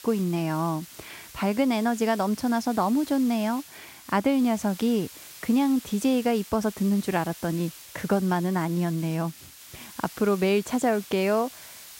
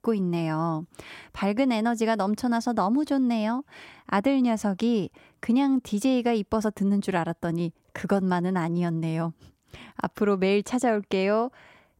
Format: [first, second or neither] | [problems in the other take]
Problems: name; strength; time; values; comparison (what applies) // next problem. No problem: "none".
second | hiss; noticeable; throughout; 15 dB below the speech